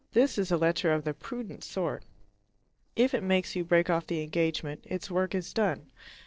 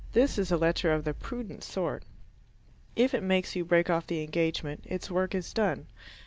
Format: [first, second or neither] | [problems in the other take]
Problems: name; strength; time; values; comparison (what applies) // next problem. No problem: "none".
second | noise reduction (neural separator model SepFormer DNS4)